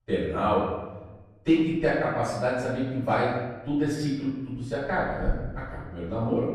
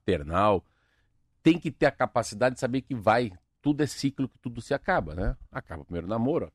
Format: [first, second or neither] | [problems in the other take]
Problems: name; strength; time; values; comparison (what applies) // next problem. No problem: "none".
second | off-mic speech; far // room echo; noticeable; dies away in 1.1 s